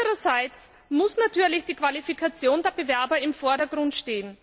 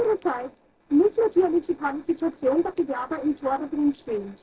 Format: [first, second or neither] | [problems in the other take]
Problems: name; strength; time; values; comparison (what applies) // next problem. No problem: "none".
first | noise reduction (neural separator model SepFormer DNS4)